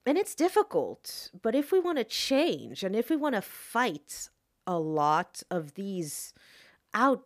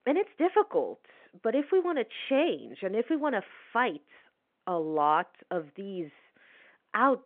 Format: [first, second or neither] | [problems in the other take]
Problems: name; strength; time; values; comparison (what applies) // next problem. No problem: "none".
first | phone-call audio; nothing above 3.5 kHz